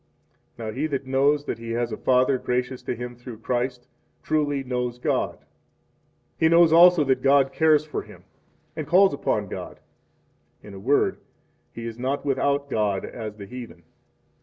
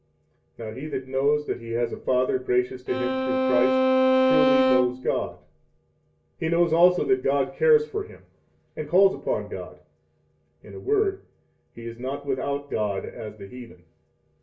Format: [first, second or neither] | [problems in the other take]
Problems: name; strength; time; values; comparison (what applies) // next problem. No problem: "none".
first | background sound (Bowed string instrument); 3 dB above the speech // room echo; dies away in 0.3 s